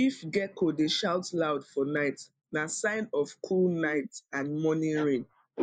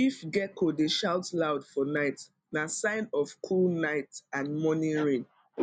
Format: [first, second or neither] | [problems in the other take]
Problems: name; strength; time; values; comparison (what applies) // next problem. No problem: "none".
second | noise reduction (neural mask model Resemble Enhance denoiser)